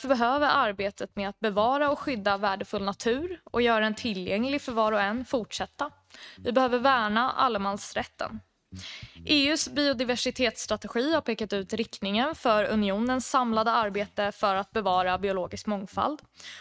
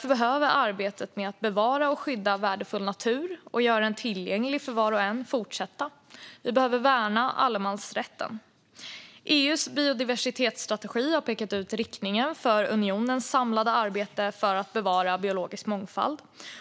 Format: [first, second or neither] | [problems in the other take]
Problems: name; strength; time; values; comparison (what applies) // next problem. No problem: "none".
second | noise reduction (neural mask model RNNoise)